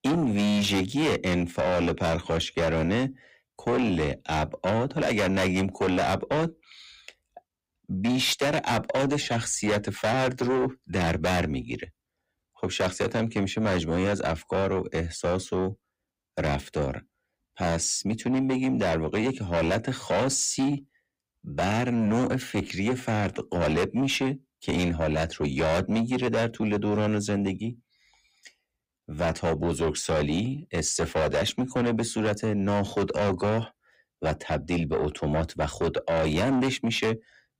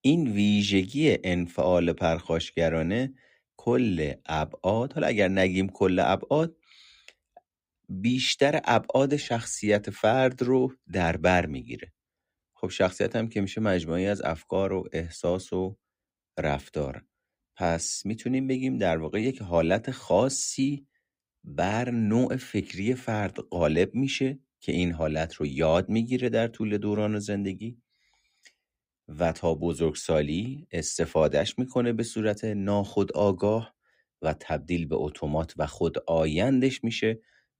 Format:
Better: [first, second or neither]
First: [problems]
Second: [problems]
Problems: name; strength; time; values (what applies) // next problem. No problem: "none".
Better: second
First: distortion; heavy; 7 dB below the speech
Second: none